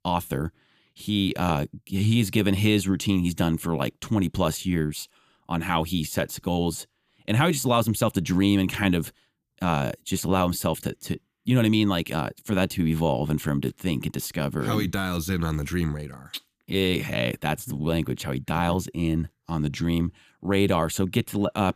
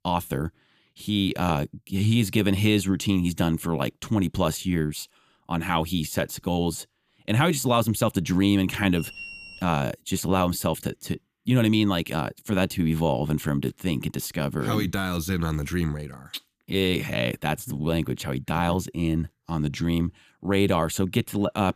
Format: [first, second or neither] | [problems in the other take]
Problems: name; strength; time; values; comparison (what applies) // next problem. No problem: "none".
first | alarm; faint; at 9 s; peak 10 dB below the speech